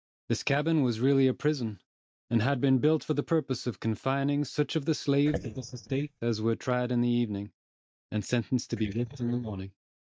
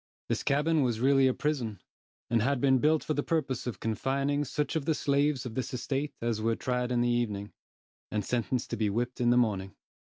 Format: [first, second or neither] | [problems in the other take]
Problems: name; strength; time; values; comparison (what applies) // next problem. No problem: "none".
second | noise reduction (neural mask model DeepFilterNet 3)